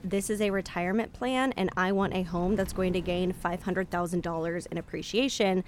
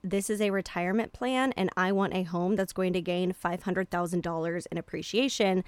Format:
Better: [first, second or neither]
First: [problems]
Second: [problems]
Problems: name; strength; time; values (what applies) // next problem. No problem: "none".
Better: second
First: wind noise on the microphone; occasional gusts; 25 dB below the speech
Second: none